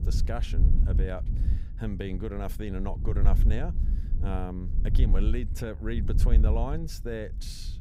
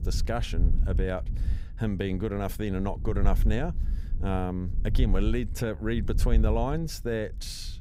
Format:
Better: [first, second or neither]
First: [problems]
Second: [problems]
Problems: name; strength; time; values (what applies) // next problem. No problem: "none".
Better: second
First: wind noise on the microphone; heavy; 8 dB below the speech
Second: wind noise on the microphone; occasional gusts; 15 dB below the speech